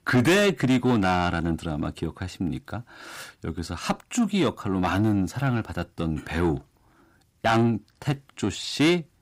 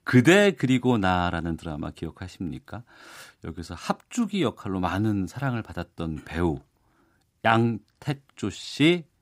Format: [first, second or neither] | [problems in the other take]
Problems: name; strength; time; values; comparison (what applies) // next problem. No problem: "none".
second | distortion; heavy; 8 dB below the speech